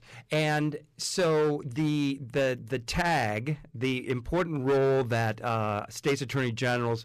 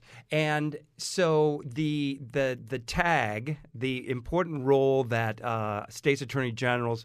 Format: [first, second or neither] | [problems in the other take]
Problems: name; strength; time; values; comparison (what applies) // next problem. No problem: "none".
second | distortion; slight; 9% of the sound clipped